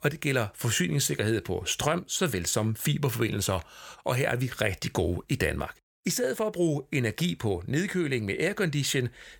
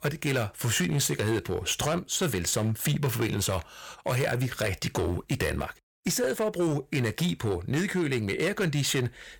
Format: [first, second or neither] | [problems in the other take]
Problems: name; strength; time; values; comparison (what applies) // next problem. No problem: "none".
first | distortion; slight; 10% of the sound clipped